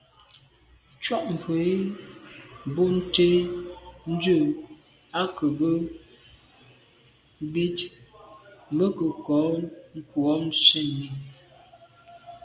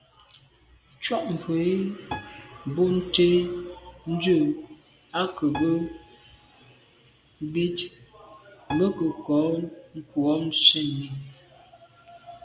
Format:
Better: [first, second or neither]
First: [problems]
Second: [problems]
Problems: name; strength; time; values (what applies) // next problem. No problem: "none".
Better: first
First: none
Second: background sound (Piano); 17 dB below the speech